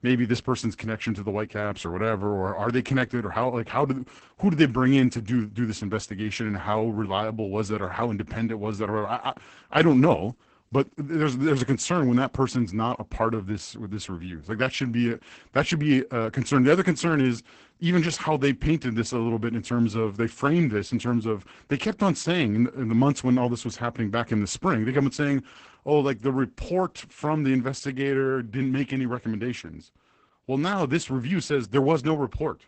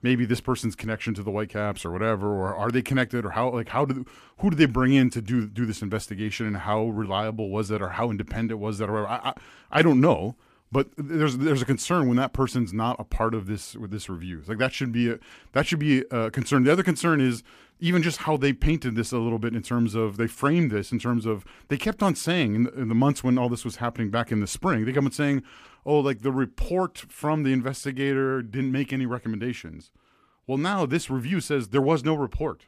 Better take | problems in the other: second | garbled, watery; badly; nothing above 8 kHz

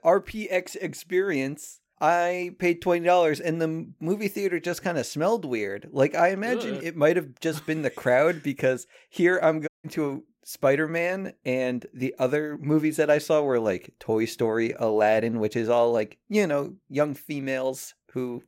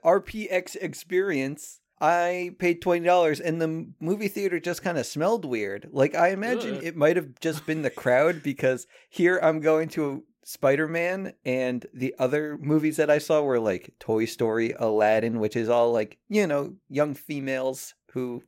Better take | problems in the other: second | audio cutting out; at 9.5 s

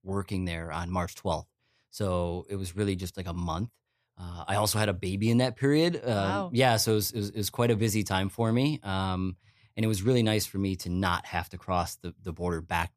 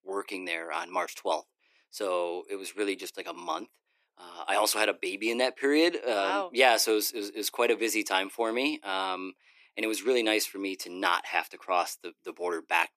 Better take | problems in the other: first | thin; somewhat; fading below 300 Hz

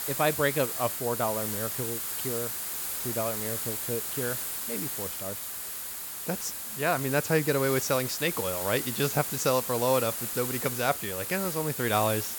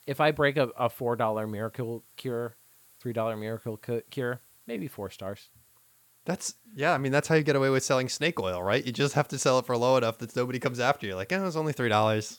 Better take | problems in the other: second | hiss; loud; throughout; 2 dB below the speech; faint in the second

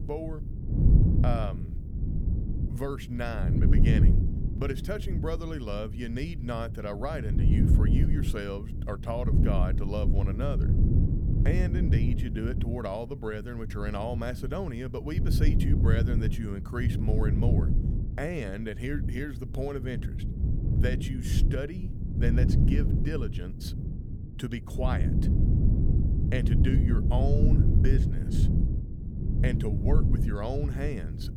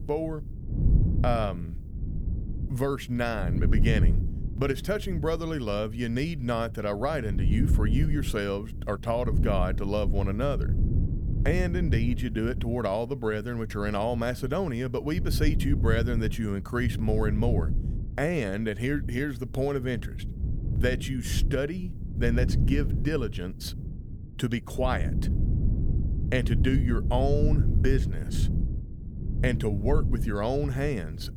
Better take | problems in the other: second | wind noise on the microphone; heavy; 3 dB below the speech; occasional gusts in the second

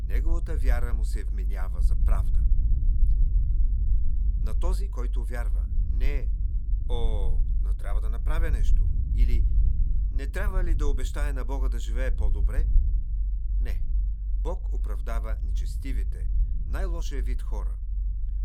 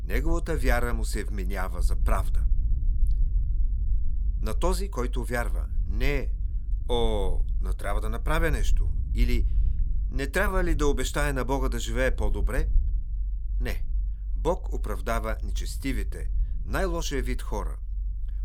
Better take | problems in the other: second | low rumble; loud; throughout; 10 dB below the speech; faint in the second

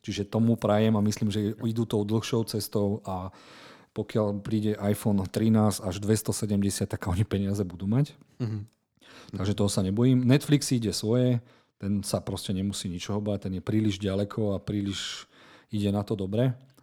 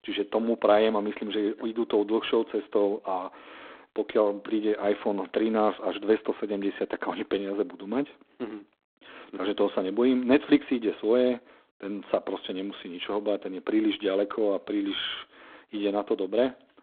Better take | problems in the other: first | phone-call audio; poor line

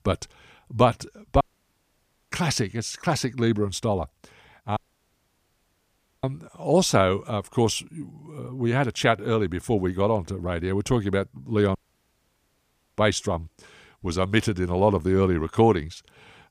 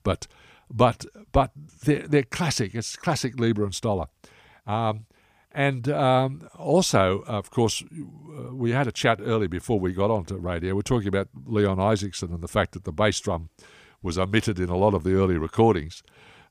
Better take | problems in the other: second | audio cutting out; at 1.5 s for 1 s, at 5 s for 1.5 s and at 12 s for 1 s

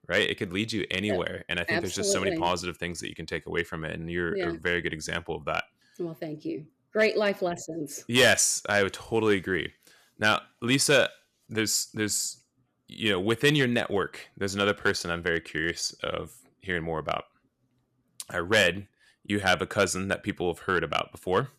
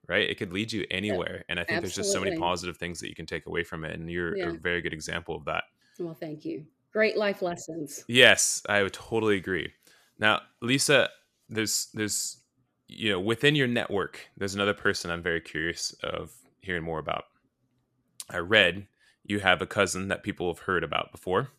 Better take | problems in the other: second | distortion; slight; 0.8% of the sound clipped

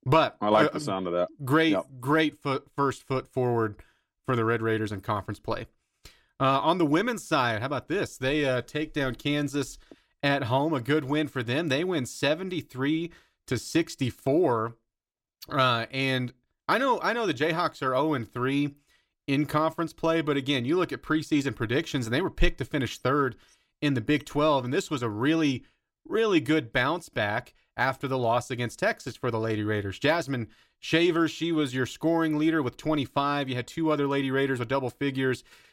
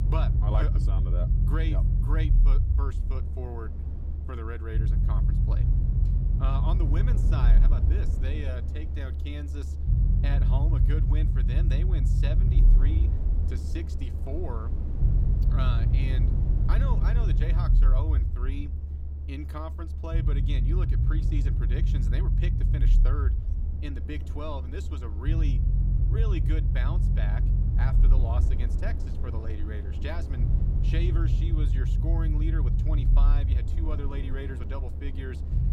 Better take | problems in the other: first | low rumble; loud; throughout; 2 dB below the speech

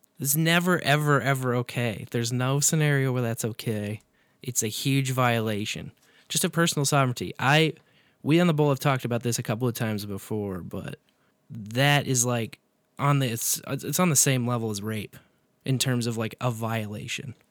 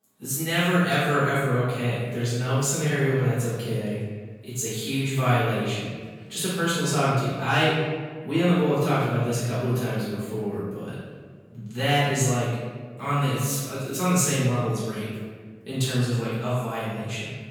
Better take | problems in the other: first | off-mic speech; far // room echo; strong; dies away in 1.3 s

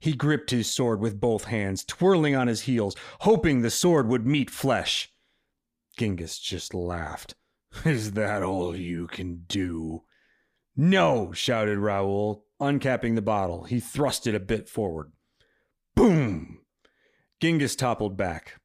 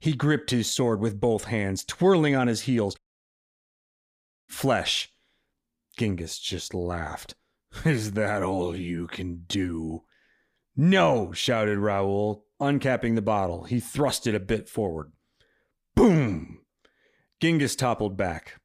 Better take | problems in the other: first | audio cutting out; at 3 s for 1.5 s

